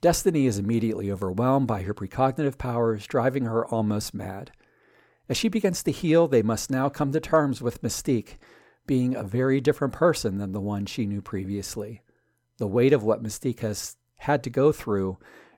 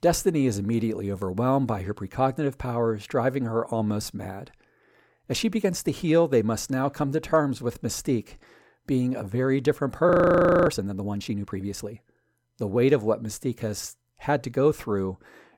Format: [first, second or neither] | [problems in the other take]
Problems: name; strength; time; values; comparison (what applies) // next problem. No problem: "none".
first | audio freezing; at 10 s for 0.5 s